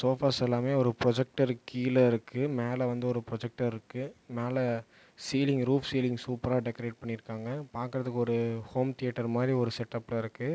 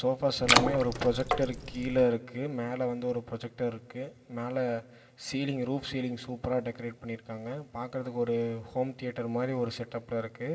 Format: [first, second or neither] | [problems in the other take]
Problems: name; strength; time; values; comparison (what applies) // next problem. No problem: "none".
first | background sound (Water / Splash, splatter); 3 dB above the speech // room echo; dies away in 0.4 s